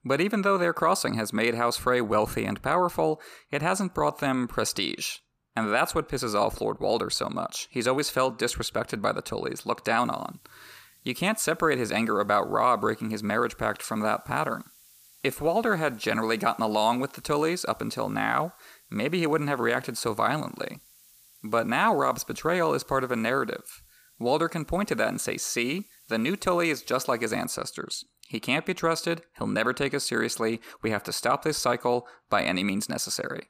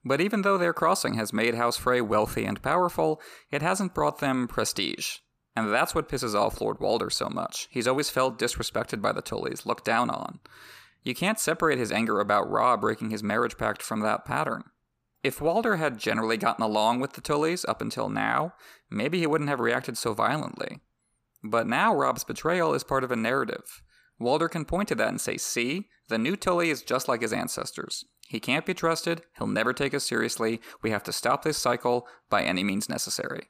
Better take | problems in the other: second | hiss; faint; from 10 to 27 s; 25 dB below the speech

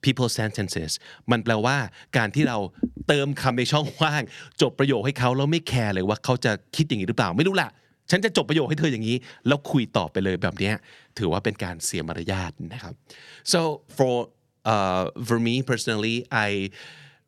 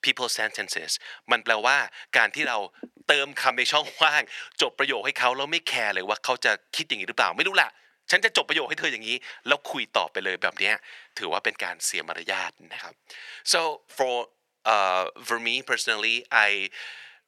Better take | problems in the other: first | thin; very; fading below 700 Hz

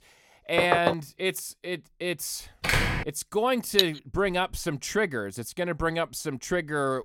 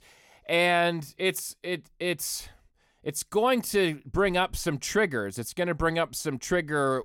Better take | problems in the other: second | door banging; loud; at 0.5 s and at 2.5 s; peak 4 dB above the speech // clattering dishes; very faint; at 4 s; peak 4 dB above the speech

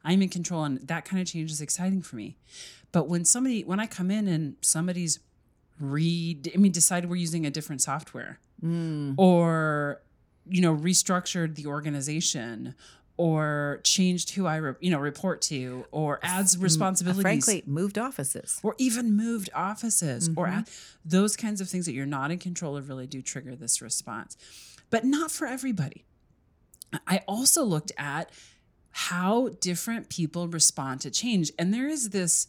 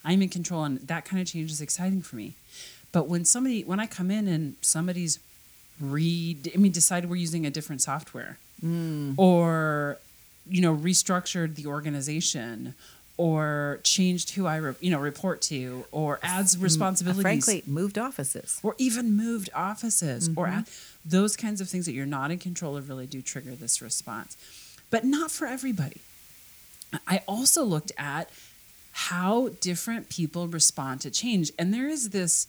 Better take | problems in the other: first | hiss; faint; throughout; 25 dB below the speech

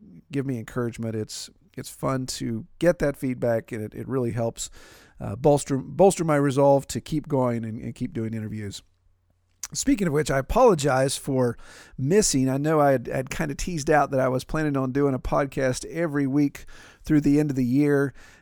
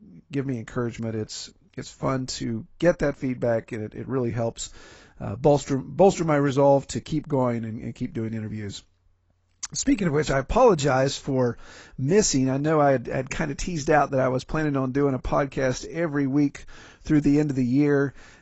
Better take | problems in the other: first | garbled, watery; badly; nothing above 7.5 kHz

